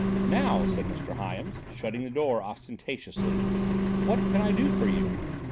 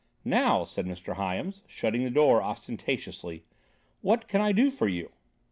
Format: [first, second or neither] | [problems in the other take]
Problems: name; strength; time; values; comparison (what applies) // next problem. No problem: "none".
second | background sound (Engine); 4 dB above the speech